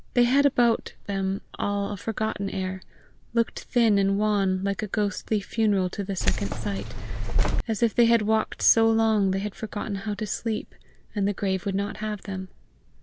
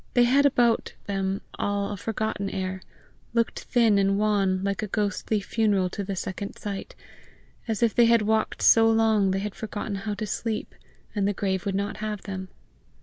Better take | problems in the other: second | background sound (Keys jangling); 2 dB above the speech

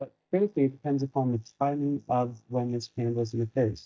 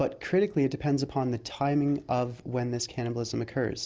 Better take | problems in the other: second | noise reduction (neural mask model DeepFilterNet 3)

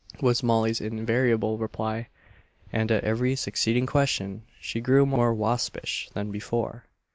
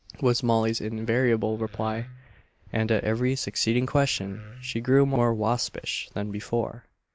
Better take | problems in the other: first | noise reduction (neural mask model Resemble Enhance denoiser)

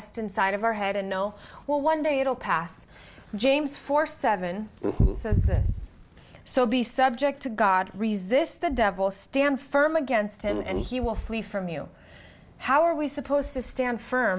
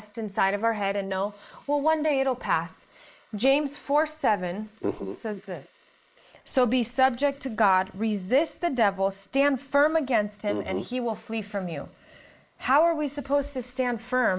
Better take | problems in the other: first | noise reduction (neural mask model Resemble Enhance denoiser)

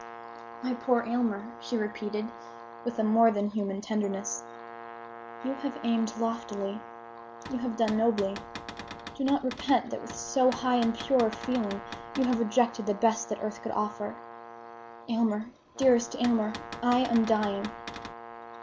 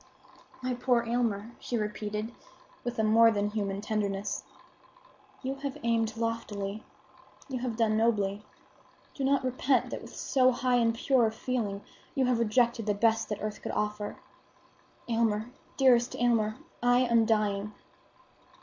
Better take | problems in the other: second | background sound (Brass instrument + Cupboard open or close / Door); 13 dB below the speech

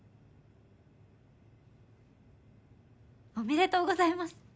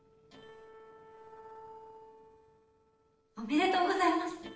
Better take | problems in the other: first | noise reduction (neural separator model SepFormer DNS4)

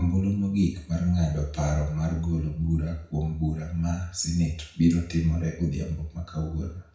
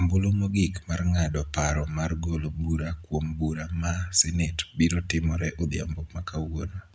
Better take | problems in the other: second | room echo; dies away in 0.6 s

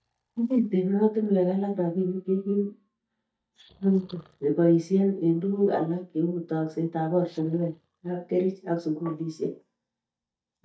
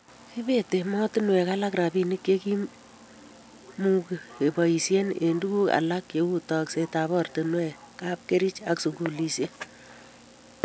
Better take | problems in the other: second | noise reduction (neural mask model DeepFilterNet 3)

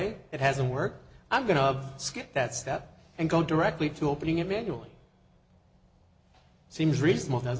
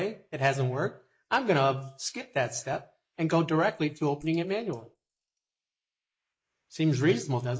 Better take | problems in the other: first | noise reduction (neural mask model Resemble Enhance denoiser)

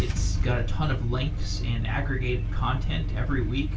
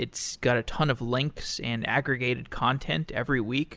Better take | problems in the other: second | background sound (Engine starting / Car); 2 dB above the speech // room echo; dies away in 0.2 s

